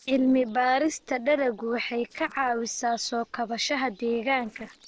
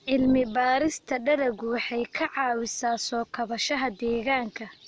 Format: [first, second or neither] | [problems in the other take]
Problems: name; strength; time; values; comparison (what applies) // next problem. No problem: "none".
second | noise reduction (neural separator model SepFormer DNS4)